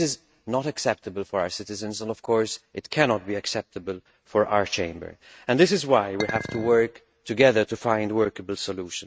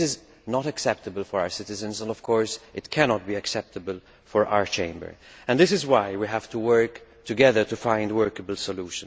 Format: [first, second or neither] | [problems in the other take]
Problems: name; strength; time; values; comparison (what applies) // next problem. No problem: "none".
second | noise reduction (neural mask model RNNoise)